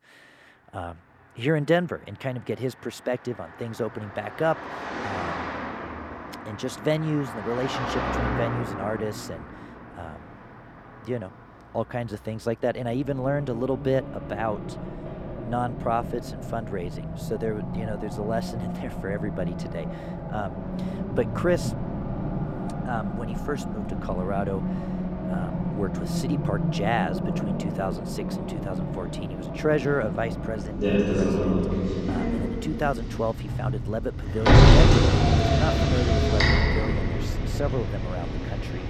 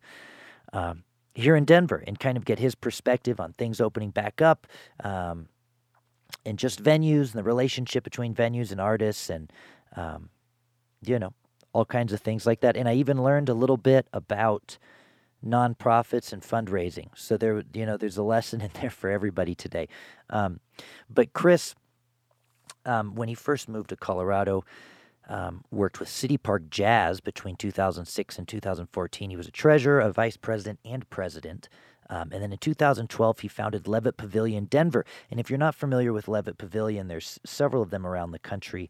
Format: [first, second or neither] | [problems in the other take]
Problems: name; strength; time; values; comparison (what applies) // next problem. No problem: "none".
second | traffic noise; very loud; throughout; 3 dB above the speech